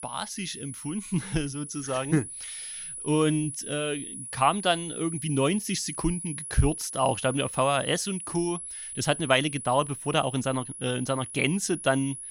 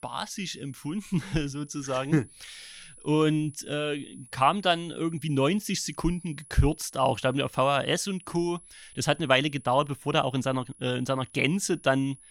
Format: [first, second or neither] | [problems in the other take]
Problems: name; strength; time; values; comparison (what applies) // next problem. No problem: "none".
second | high-pitched whine; loud; throughout; 10 kHz, 9 dB below the speech; faint in the second